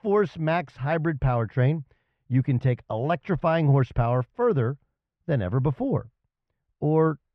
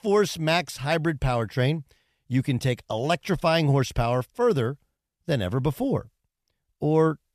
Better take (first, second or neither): second